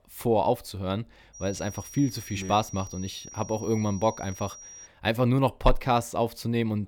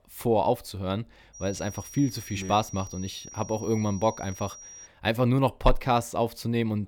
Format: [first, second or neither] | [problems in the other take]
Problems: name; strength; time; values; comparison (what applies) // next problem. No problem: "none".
neither | high-pitched whine; noticeable; from 1.5 to 5 s; 5.5 kHz, 15 dB below the speech; the same in both